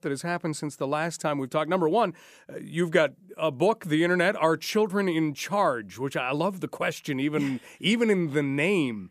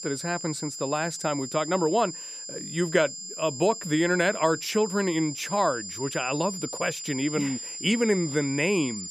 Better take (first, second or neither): first